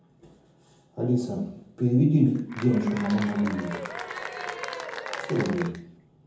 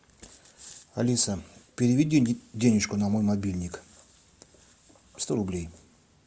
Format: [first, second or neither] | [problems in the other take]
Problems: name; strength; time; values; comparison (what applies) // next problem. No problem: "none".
second | background sound (Applause / Cheering); 9 dB below the speech // room echo; dies away in 0.7 s